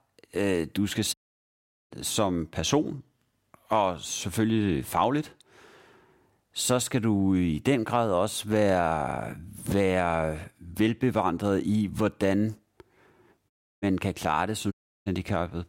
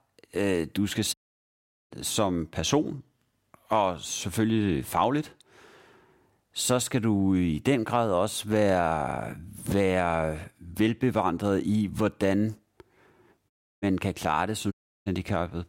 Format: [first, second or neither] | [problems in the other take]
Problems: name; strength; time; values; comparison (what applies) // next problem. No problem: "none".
neither | audio cutting out; at 1 s for 1 s, at 14 s and at 15 s; the same in both